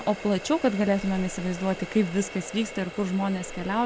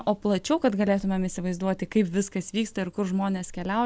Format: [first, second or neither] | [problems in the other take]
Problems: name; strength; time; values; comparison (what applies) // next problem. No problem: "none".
second | background sound (Water tap, faucet); 14 dB below the speech